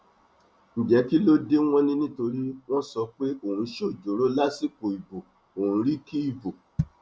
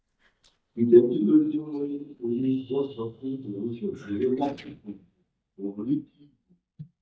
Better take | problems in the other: first | noise reduction (neural mask model DeepFilterNet 3)

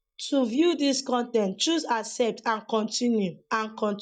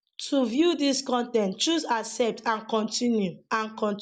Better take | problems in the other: second | noise reduction (neural mask model DeepFilterNet 3)

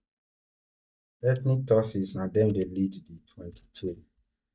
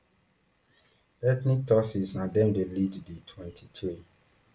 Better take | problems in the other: second | noise reduction (neural mask model DeepFilterNet 3)

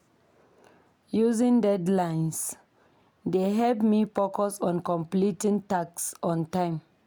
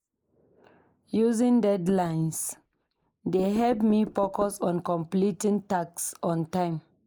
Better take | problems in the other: first | noise reduction (neural mask model Resemble Enhance denoiser)

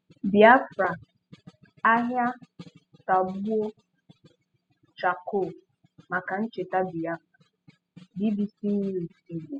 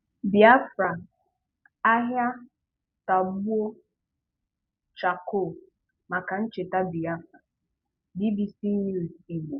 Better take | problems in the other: second | noise reduction (classical method spectral subtraction)

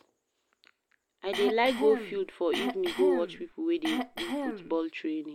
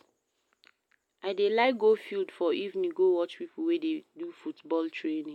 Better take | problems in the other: second | background sound (Cough); 5 dB below the speech

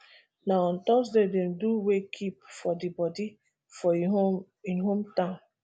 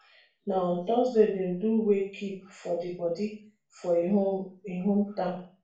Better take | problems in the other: first | room echo; dies away in 0.4 s

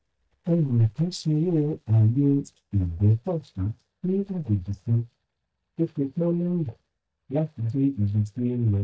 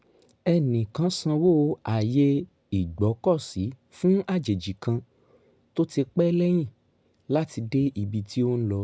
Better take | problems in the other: second | noise reduction (neural mask model DeepFilterNet 3)

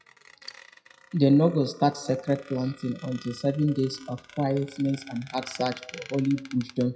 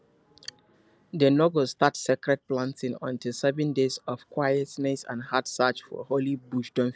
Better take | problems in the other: second | noise reduction (classical method WPE with log-MMSE)

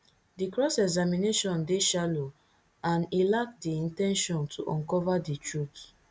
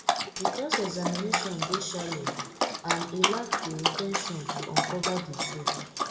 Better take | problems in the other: first | background sound (Dog); 4 dB above the speech // room echo; dies away in 1.9 s

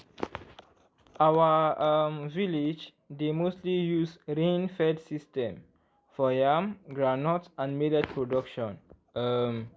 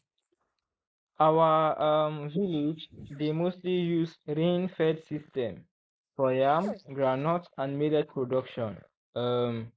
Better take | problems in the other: first | noise reduction (neural mask model Resemble Enhance denoiser)

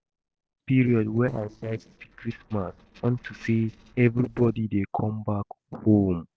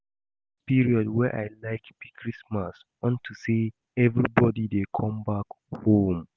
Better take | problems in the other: second | noise reduction (neural separator model SepFormer DNS4)

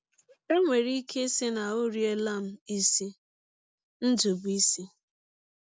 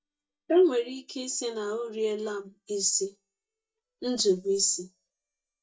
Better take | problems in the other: first | noise reduction (neural mask model DeepFilterNet 3)

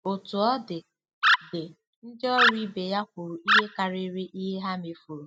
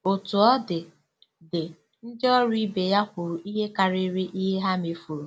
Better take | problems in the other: second | noise reduction (classical method spectral subtraction)

